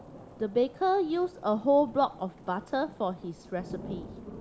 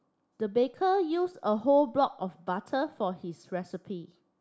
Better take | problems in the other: second | background sound (Thunder / Rain); 16 dB below the speech

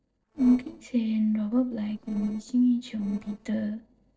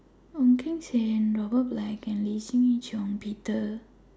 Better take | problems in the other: second | noise reduction (neural separator model SepFormer DNS4)

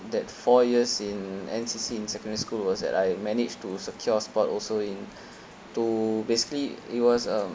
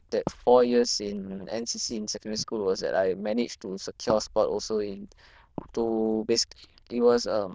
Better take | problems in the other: first | noise reduction (neural diffusion model UNIVERSE++)

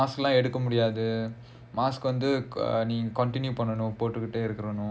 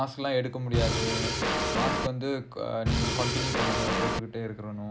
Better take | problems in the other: first | background sound (Drum kit); 4 dB above the speech

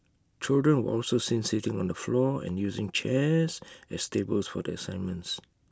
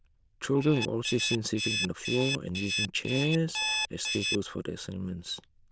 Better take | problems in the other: first | noise reduction (neural diffusion model UNIVERSE++)

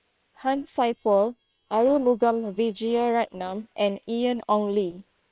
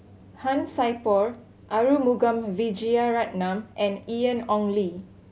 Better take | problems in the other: second | noise reduction (neural separator model SepFormer WHAM!)

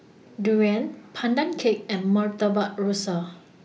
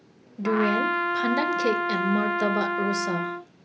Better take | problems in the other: first | background sound (Trumpet); 1 dB above the speech

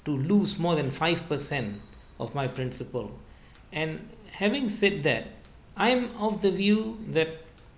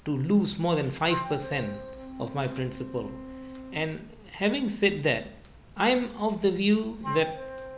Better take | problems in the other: first | background sound (Wind instrument, woodwind instrument); 13 dB below the speech

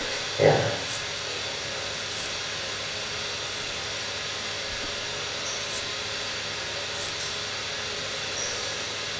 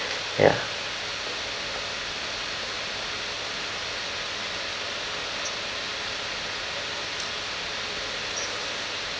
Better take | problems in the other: second | background sound (Domestic sounds, home sounds); 19 dB below the speech // room echo; dies away in 1.1 s

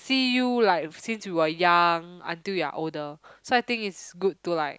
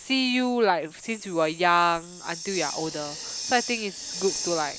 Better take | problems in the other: first | background sound (Hiss); 10 dB below the speech

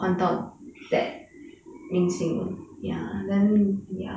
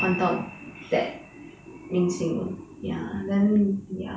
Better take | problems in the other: first | background sound (Piano); 15 dB below the speech

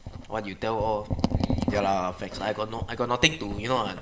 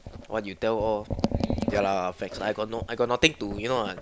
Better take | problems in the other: second | room echo; dies away in 2.3 s

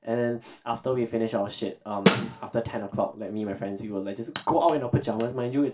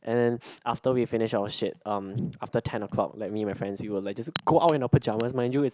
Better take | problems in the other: second | background sound (Snare drum); 1 dB above the speech // room echo; dies away in 0.2 s

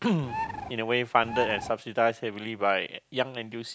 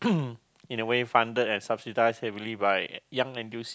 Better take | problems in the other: second | background sound (Bird); 5 dB below the speech

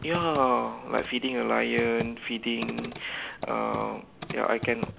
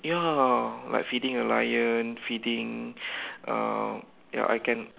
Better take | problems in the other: second | background sound (Computer keyboard); 11 dB below the speech

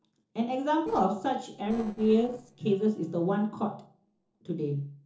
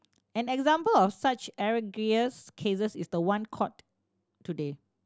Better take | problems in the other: second | noise reduction (neural separator model SepFormer DNS4)

